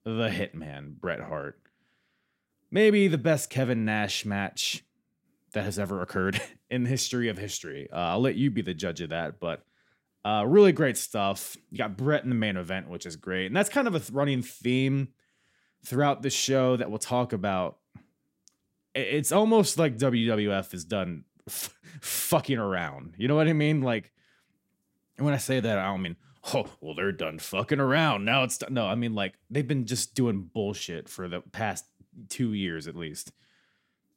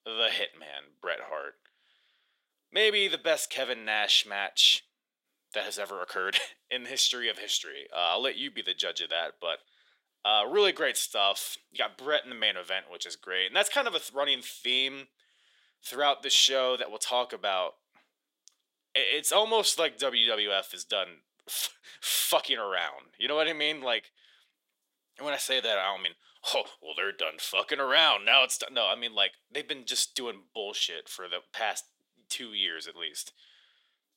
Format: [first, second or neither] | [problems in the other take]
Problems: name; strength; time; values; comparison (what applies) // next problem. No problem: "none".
first | thin; very; fading below 500 Hz